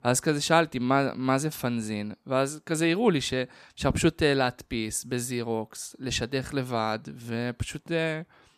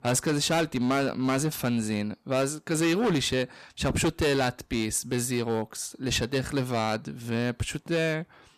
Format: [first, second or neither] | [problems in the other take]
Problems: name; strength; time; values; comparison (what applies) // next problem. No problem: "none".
first | distortion; heavy; 11% of the sound clipped